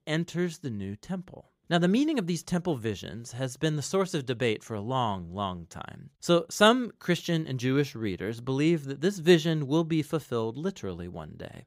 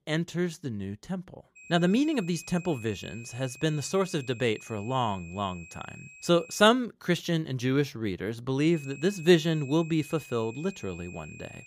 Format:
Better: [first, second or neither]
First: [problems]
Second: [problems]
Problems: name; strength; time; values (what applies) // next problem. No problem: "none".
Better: first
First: none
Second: high-pitched whine; noticeable; from 1.5 to 6.5 s and from 8.5 s on; 2.5 kHz, 20 dB below the speech